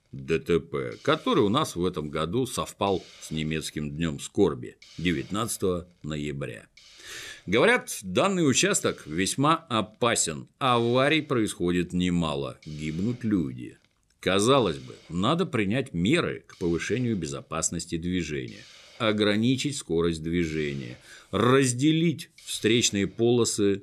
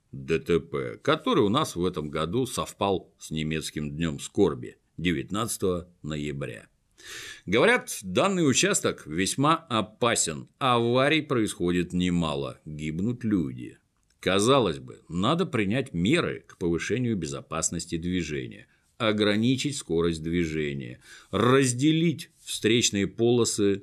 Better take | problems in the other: second | hiss; faint; throughout; 25 dB below the speech

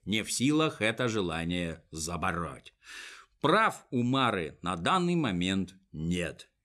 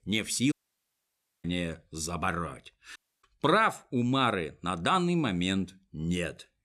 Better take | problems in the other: first | audio cutting out; at 0.5 s for 1 s and at 3 s

